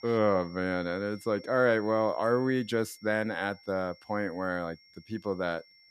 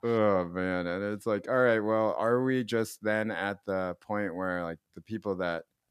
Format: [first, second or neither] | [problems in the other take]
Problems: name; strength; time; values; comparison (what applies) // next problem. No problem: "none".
second | high-pitched whine; faint; throughout; 5.5 kHz, 25 dB below the speech